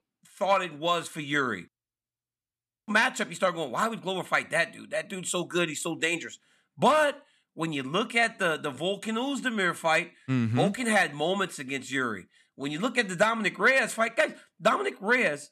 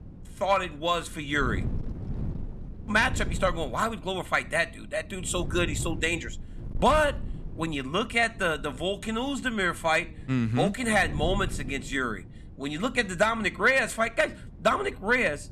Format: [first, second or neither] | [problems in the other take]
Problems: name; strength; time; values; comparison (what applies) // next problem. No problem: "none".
first | wind noise on the microphone; occasional gusts; 25 dB below the speech